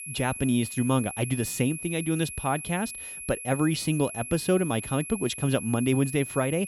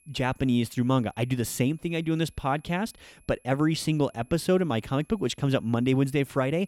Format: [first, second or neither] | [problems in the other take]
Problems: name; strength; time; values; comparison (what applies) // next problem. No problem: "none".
second | high-pitched whine; loud; throughout; 11 kHz, 9 dB below the speech; faint in the second